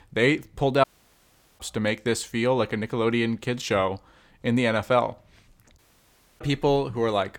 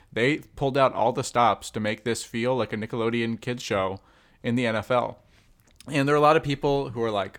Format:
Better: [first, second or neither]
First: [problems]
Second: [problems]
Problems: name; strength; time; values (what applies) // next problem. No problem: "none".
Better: second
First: audio cutting out; at 1 s for 1 s and at 6 s for 0.5 s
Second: none